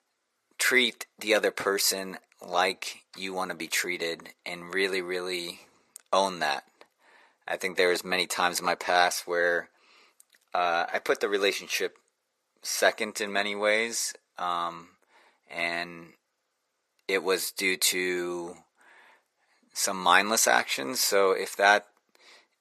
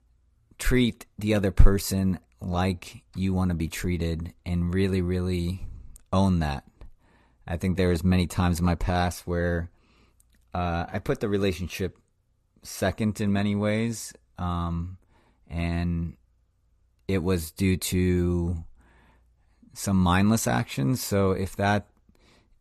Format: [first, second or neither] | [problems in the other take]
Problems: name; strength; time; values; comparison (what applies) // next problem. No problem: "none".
second | thin; very; fading below 450 Hz